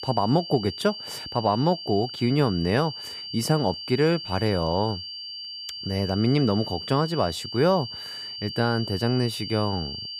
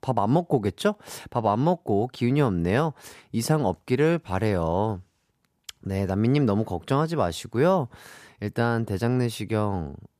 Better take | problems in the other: second | high-pitched whine; loud; throughout; 4.5 kHz, 9 dB below the speech

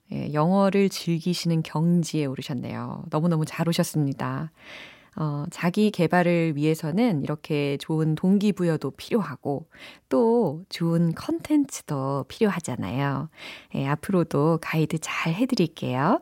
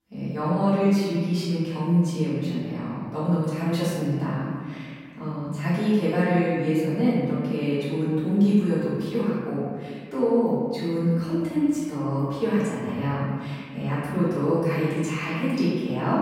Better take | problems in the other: first | off-mic speech; far // room echo; strong; dies away in 1.9 s

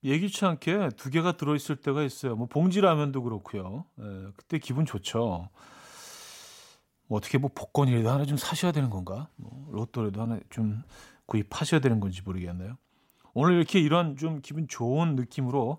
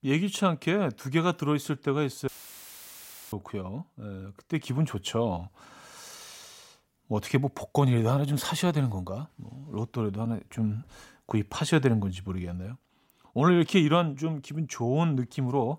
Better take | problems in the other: first | audio cutting out; filled with static; at 2.5 s for 1 s

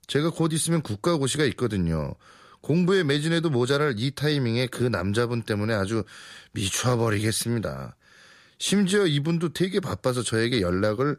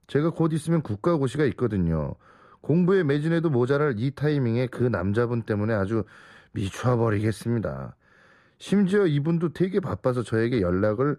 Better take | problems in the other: first | muffled; slightly; fading above 2.5 kHz

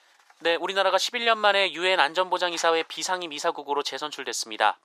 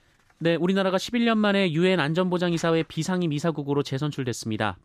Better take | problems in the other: second | thin; very; fading below 550 Hz

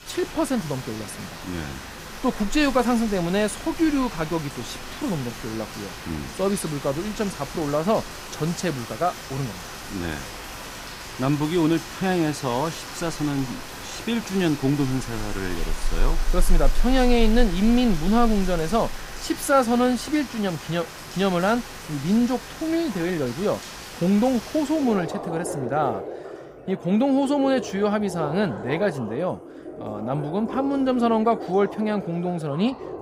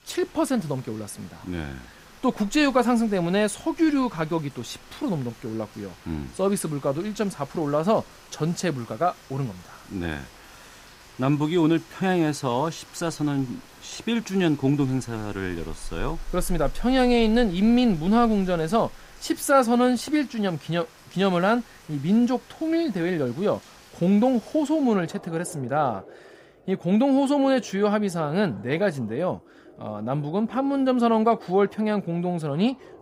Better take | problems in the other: second | rain or running water; loud; throughout; 10 dB below the speech; faint in the second

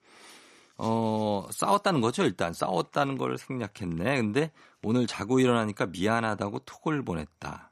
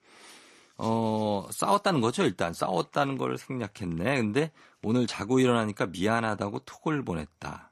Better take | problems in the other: first | garbled, watery; slightly; nothing above 11.5 kHz

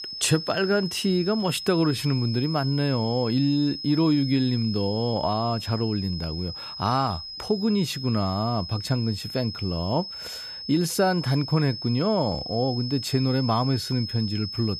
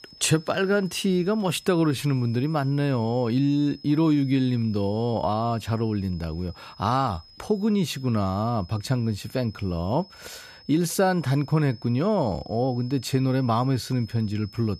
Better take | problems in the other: second | high-pitched whine; loud; throughout; 5 kHz, 8 dB below the speech; faint in the second

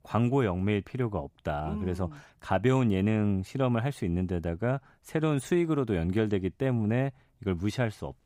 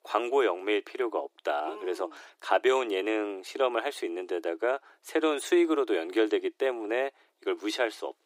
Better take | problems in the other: first | thin; very; fading below 300 Hz

